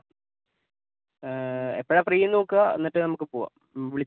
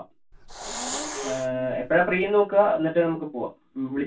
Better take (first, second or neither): first